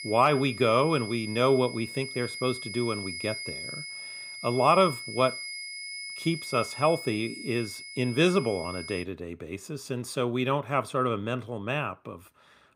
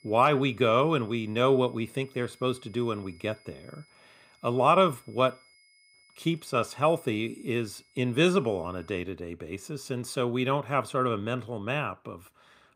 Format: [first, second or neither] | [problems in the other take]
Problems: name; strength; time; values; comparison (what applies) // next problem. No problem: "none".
second | high-pitched whine; loud; until 9 s; 2 kHz, 9 dB below the speech; faint in the second